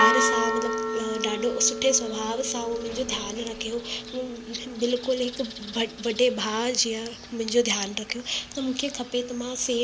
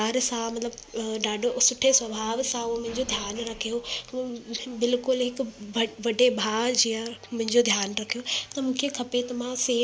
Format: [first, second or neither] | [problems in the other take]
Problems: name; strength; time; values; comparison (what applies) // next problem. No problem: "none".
second | background sound (Church bell); 4 dB below the speech